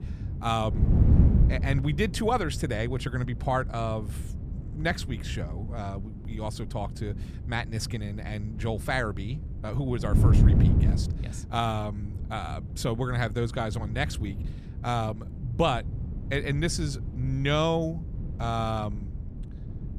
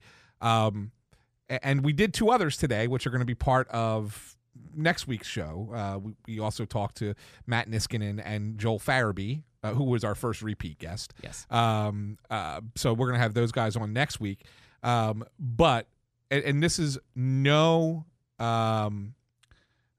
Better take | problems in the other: second | wind noise on the microphone; occasional gusts; 10 dB below the speech

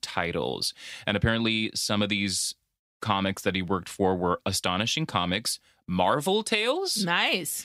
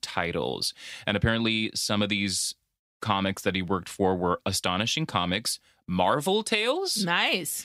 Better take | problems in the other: neither | none

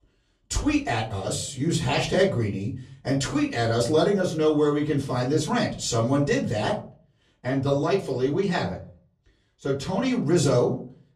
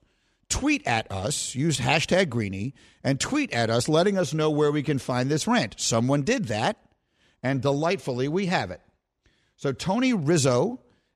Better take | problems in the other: second | off-mic speech; far // room echo; very slight; dies away in 0.4 s

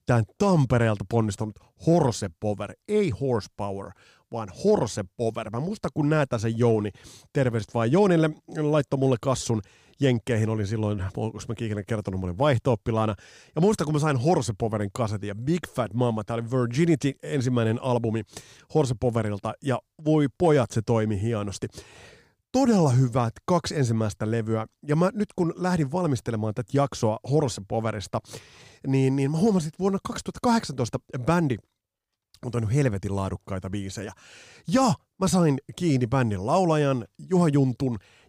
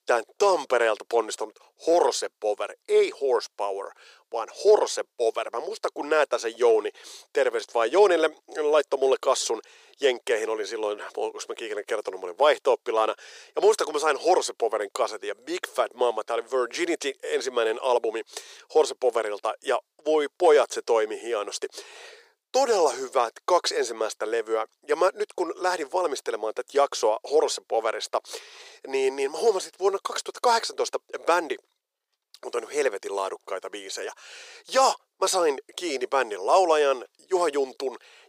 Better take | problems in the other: first | thin; very; fading below 400 Hz

